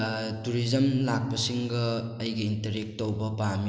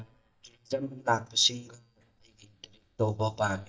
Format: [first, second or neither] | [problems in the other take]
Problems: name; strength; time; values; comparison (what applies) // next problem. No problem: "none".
first | noise reduction (neural mask model DeepFilterNet 3)